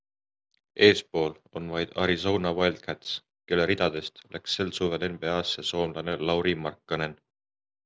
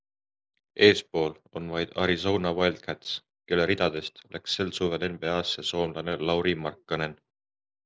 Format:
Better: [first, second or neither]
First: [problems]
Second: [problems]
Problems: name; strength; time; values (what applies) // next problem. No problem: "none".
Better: first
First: none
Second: noise reduction (neural mask model Resemble Enhance denoiser)